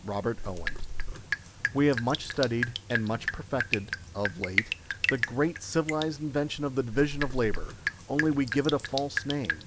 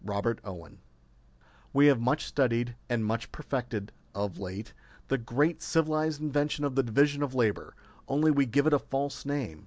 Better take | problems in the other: second | background sound (Drip); 4 dB below the speech

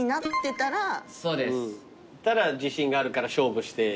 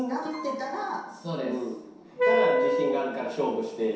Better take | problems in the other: first | background sound (Wind instrument, woodwind instrument); 4 dB above the speech // room echo; dies away in 0.7 s

